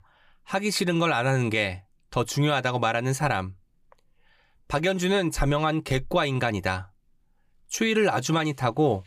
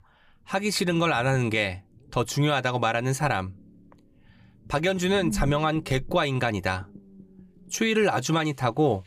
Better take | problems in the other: first | low rumble; faint; throughout; 25 dB below the speech

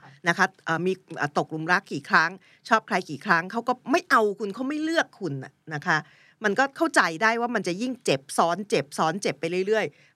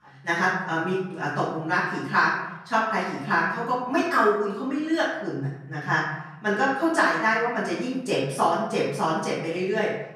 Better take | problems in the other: first | off-mic speech; far // room echo; noticeable; dies away in 0.9 s

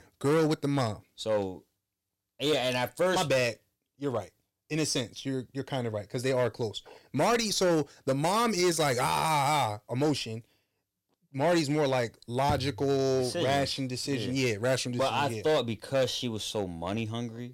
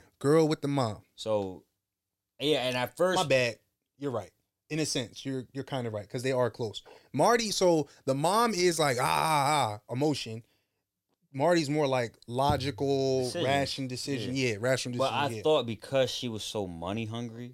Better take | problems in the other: second | distortion; slight; 6% of the sound clipped

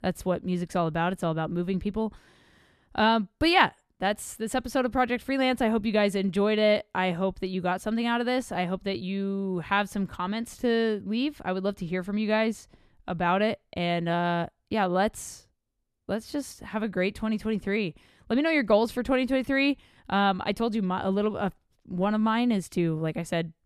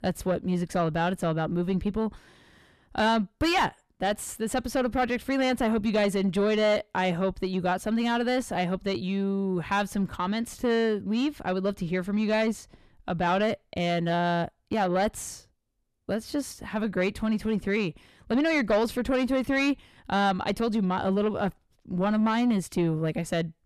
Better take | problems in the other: first | distortion; slight; 10 dB below the speech

